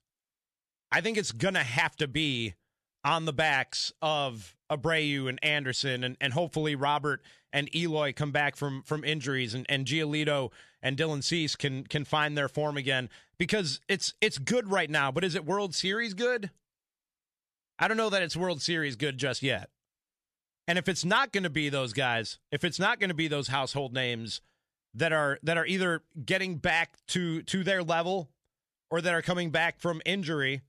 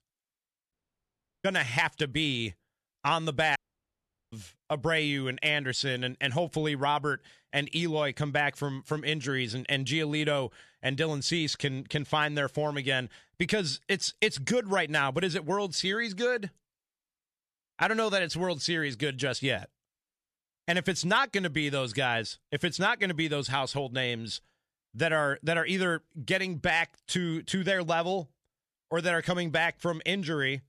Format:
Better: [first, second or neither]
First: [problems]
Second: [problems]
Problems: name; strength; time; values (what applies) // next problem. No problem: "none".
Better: first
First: none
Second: audio cutting out; at 0.5 s for 0.5 s and at 3.5 s for 1 s